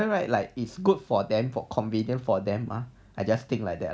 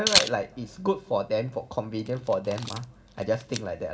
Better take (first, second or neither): first